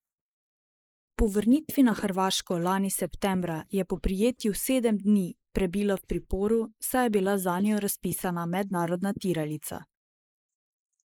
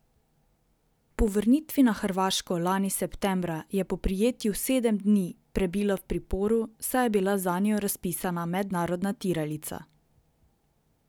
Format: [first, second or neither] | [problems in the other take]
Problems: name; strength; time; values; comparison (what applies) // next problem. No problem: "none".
second | noise reduction (neural mask model Resemble Enhance denoiser)